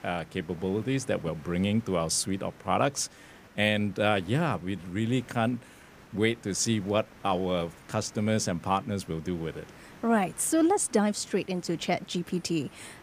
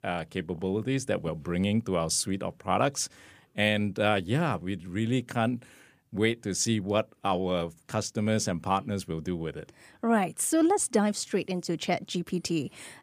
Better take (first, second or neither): second